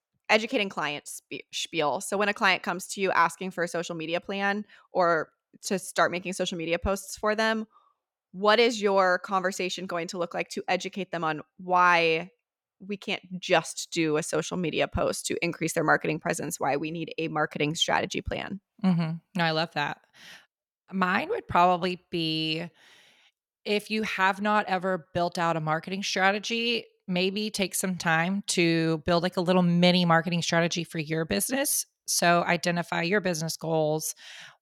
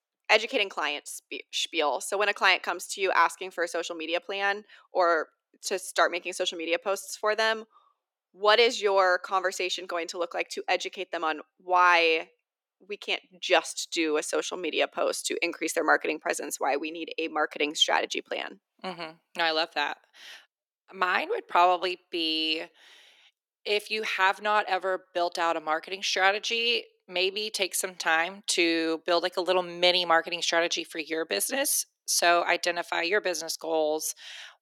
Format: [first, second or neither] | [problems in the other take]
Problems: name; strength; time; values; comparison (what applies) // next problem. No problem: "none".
first | thin; very; fading below 300 Hz